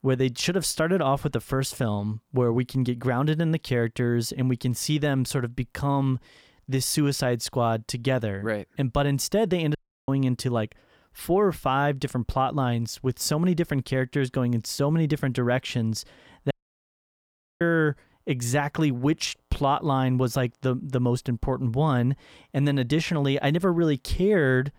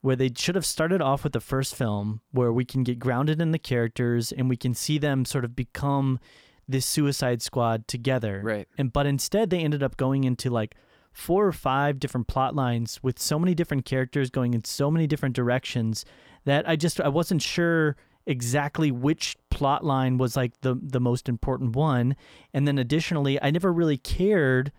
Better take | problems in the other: second | audio cutting out; at 10 s and at 17 s for 1 s

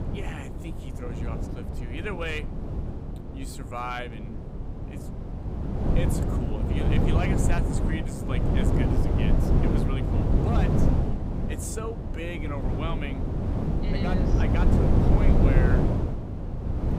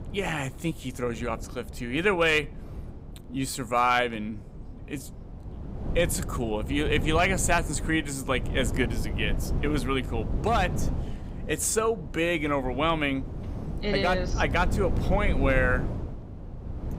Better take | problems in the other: second | wind noise on the microphone; heavy; 2 dB above the speech; occasional gusts in the second

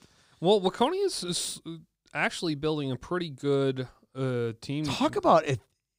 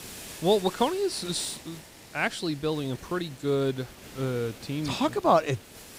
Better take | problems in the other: first | hiss; noticeable; throughout; 15 dB below the speech

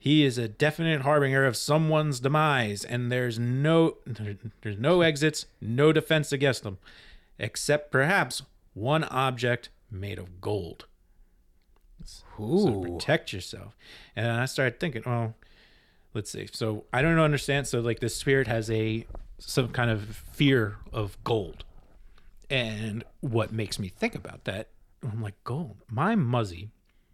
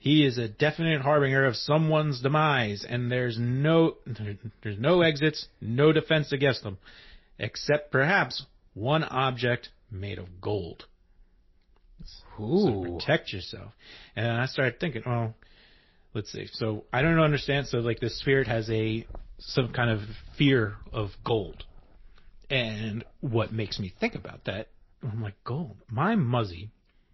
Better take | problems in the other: first | garbled, watery; slightly; nothing above 5.5 kHz

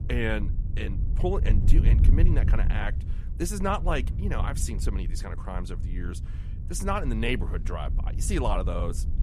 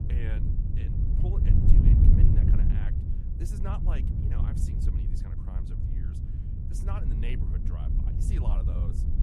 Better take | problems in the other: first | wind noise on the microphone; heavy; 4 dB above the speech; occasional gusts in the first

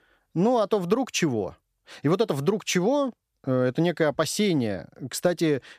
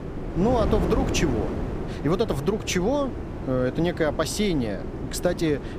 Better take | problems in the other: first | wind noise on the microphone; heavy; 8 dB below the speech

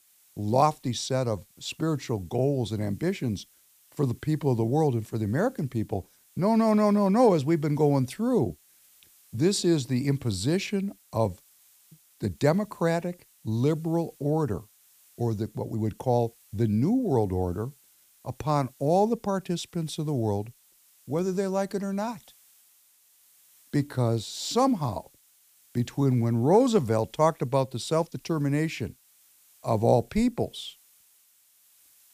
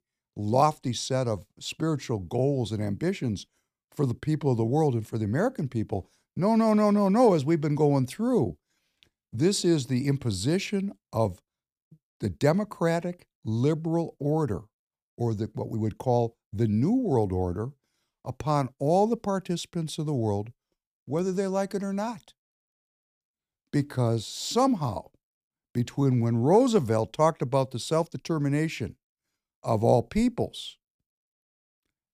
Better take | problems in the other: second | hiss; faint; throughout; 30 dB below the speech

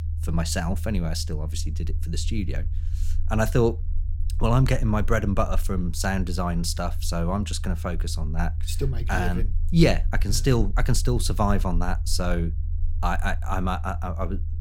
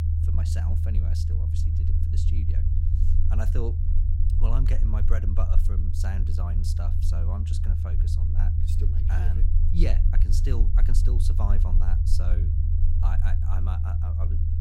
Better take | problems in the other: first | low rumble; loud; throughout; 1 dB below the speech; faint in the first

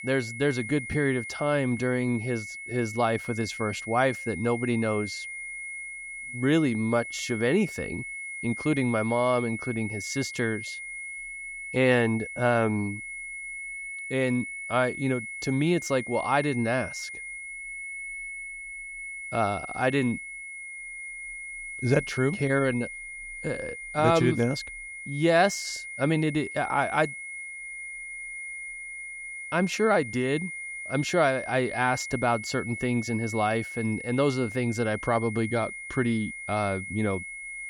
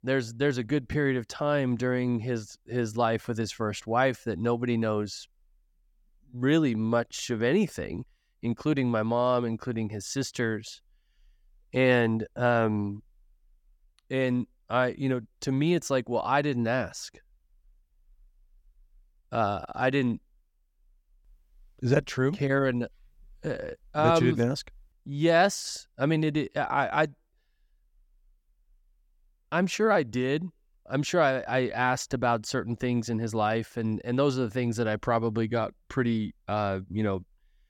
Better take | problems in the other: second | high-pitched whine; loud; throughout; 2 kHz, 9 dB below the speech

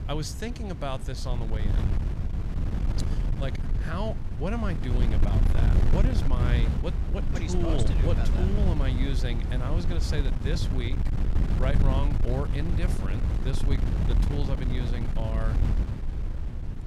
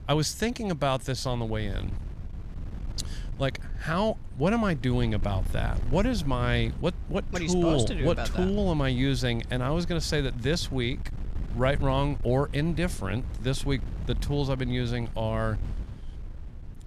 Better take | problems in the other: second | wind noise on the microphone; heavy; 3 dB below the speech; occasional gusts in the second

